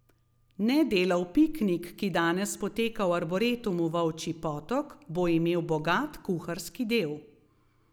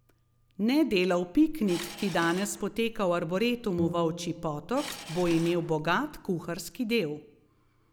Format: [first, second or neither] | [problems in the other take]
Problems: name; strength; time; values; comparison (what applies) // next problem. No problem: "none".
first | background sound (Subway, metro, underground / Engine + Bowed string instrument); 12 dB below the speech